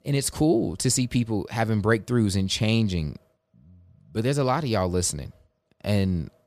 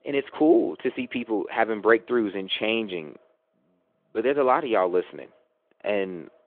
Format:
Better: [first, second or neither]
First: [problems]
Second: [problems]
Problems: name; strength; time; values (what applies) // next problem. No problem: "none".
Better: first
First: none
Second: phone-call audio; nothing above 3.5 kHz